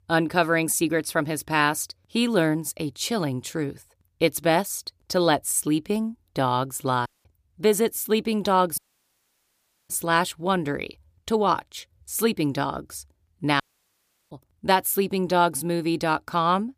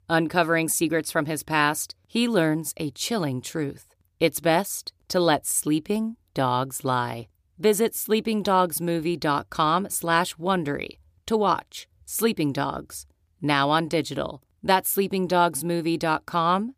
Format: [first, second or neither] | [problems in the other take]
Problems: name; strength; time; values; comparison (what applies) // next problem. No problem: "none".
second | audio cutting out; at 7 s, at 9 s for 1 s and at 14 s for 0.5 s